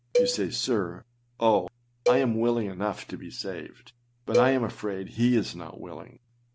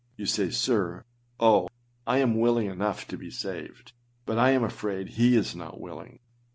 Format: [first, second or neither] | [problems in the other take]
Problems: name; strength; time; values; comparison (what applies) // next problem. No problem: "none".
second | background sound (Cowbell); 3 dB below the speech